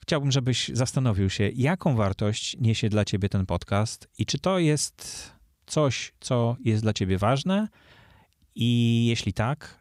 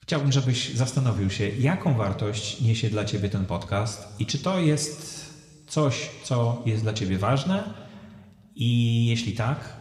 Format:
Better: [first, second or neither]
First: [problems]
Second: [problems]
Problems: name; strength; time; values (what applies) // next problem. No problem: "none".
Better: first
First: none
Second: room echo; slight; dies away in 1.4 s